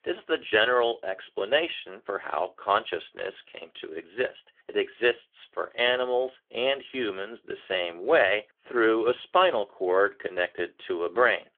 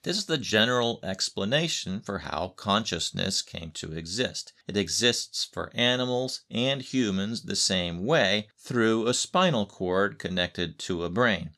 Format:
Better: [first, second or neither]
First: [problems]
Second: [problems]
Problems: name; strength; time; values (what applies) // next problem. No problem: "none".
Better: second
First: phone-call audio; nothing above 3.5 kHz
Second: none